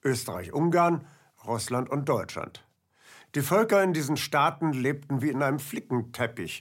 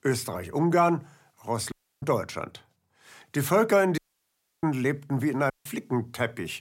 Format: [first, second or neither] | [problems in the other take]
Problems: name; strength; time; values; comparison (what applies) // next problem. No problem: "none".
first | audio cutting out; at 1.5 s, at 4 s for 0.5 s and at 5.5 s